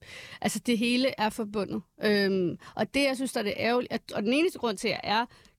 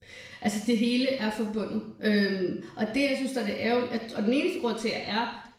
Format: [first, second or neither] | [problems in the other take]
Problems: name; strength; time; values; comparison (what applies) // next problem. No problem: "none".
first | room echo; noticeable; dies away in 0.7 s // off-mic speech; far